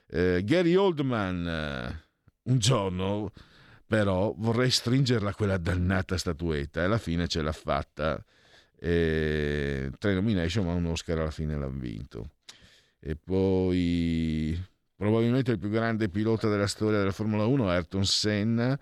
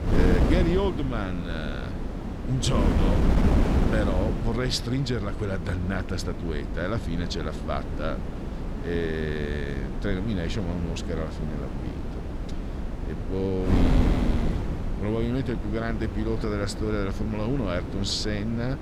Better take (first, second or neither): first